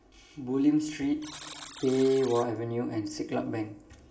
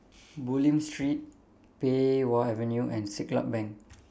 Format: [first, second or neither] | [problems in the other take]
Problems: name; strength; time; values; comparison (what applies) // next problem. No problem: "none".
second | background sound (Alarm); 18 dB below the speech // room echo; dies away in 2.4 s